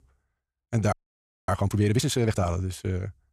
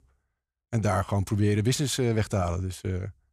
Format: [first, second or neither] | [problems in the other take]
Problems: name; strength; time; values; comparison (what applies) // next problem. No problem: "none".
second | audio freezing; at 1 s for 0.5 s